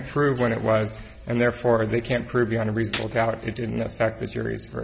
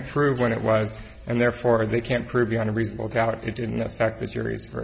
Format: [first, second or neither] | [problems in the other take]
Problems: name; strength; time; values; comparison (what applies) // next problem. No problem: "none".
second | background sound (Gunshot, gunfire); 15 dB below the speech